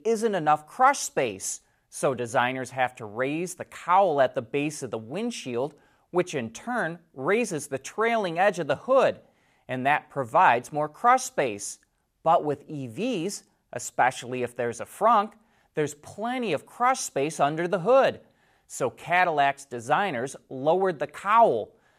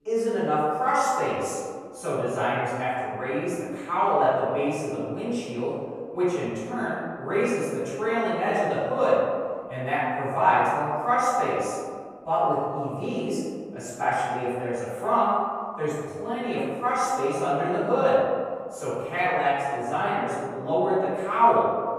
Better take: first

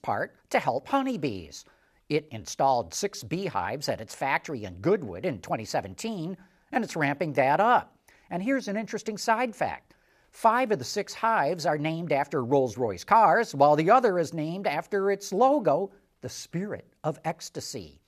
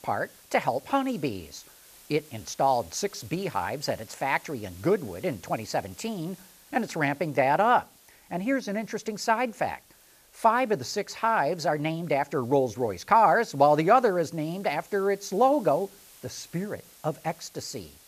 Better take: first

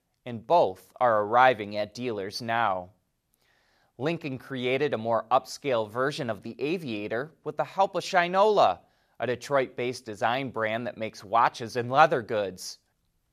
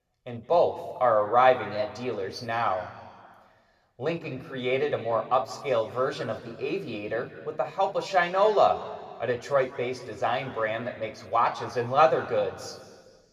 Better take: first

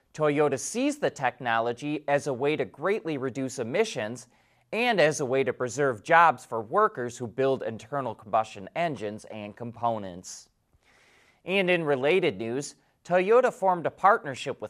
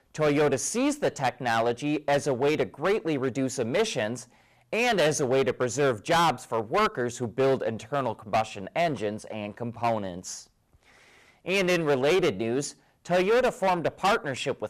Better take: first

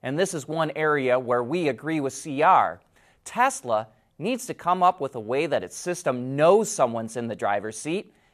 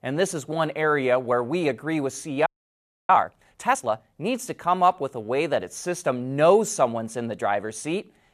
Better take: first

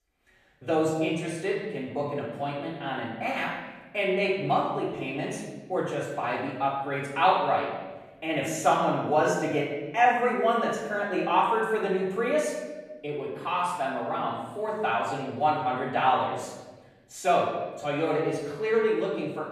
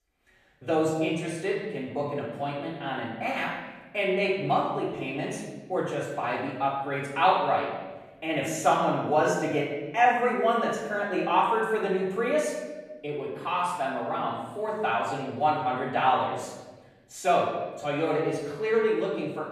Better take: neither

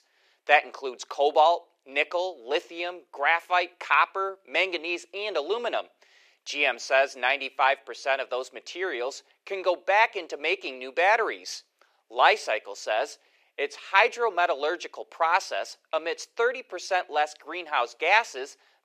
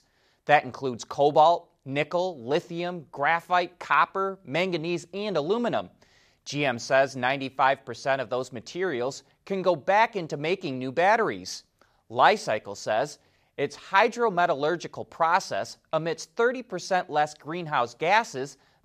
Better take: second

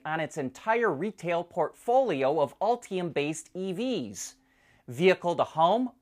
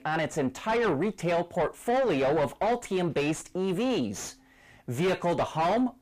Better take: first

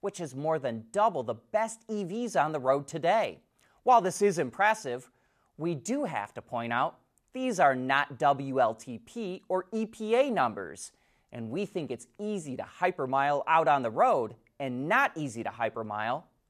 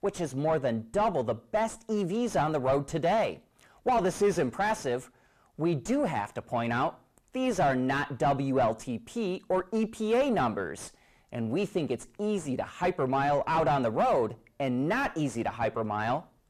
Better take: first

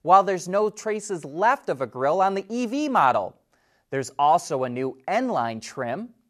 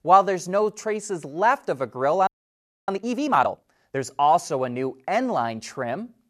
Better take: first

